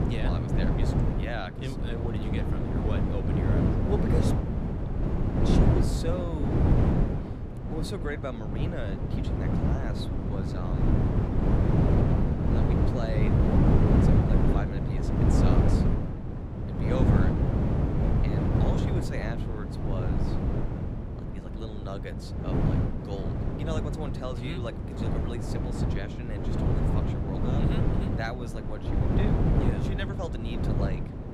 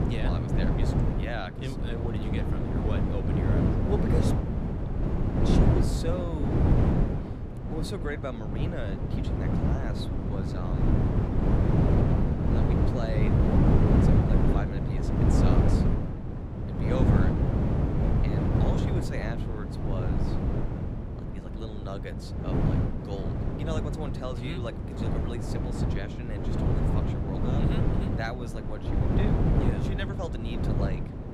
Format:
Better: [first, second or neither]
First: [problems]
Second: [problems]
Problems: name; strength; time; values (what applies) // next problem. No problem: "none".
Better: neither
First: wind noise on the microphone; heavy; 4 dB above the speech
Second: wind noise on the microphone; heavy; 4 dB above the speech